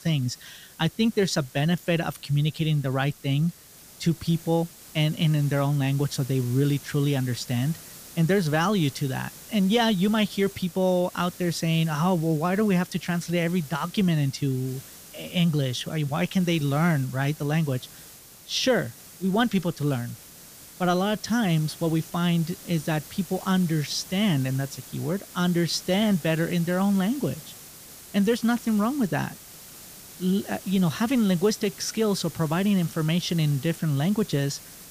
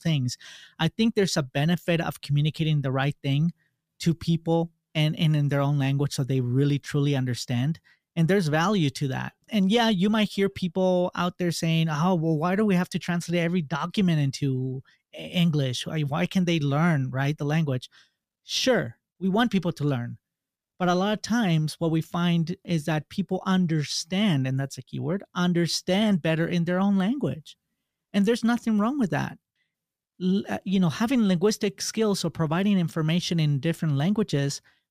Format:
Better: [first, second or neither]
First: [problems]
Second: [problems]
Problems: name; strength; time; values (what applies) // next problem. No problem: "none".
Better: second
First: hiss; noticeable; throughout; 15 dB below the speech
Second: none